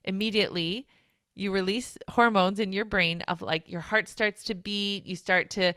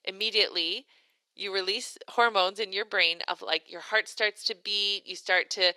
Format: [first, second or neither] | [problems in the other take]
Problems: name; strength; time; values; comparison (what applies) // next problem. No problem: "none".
first | thin; very; fading below 350 Hz